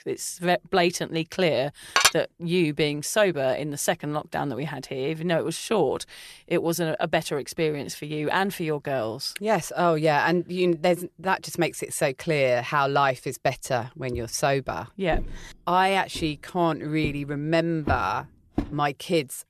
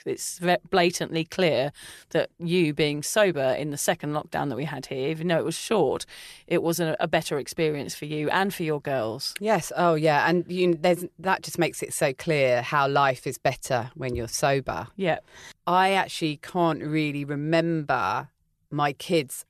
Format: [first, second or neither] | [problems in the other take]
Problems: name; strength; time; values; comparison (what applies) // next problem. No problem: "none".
second | clattering dishes; loud; at 2 s; peak 6 dB above the speech // footsteps; noticeable; from 15 to 19 s; peak 7 dB below the speech